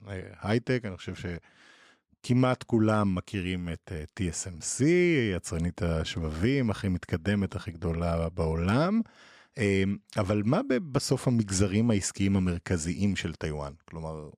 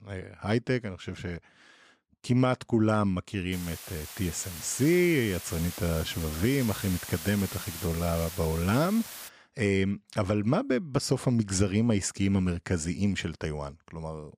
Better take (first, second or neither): first